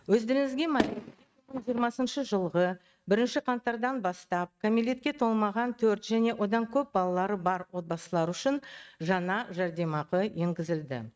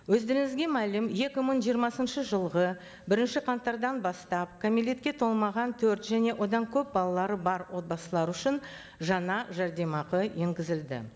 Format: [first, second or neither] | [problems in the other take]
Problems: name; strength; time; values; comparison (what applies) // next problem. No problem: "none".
second | noise reduction (neural mask model RNNoise)